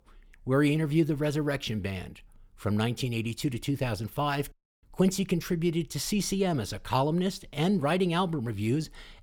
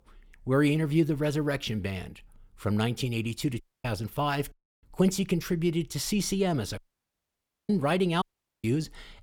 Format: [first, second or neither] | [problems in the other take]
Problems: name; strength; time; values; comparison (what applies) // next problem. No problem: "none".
first | audio cutting out; at 3.5 s, at 7 s for 1 s and at 8 s